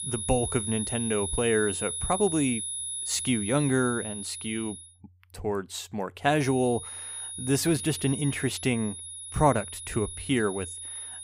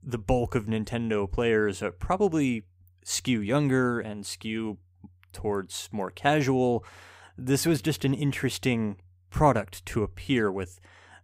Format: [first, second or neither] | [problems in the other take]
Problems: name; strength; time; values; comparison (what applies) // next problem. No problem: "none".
second | high-pitched whine; loud; until 5 s and from 6.5 s on; 10.5 kHz, 5 dB below the speech